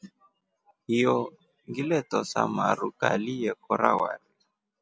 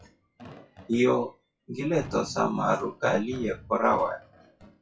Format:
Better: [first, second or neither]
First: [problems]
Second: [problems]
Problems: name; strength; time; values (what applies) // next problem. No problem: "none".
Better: first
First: none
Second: noise reduction (classical method WPE with log-MMSE)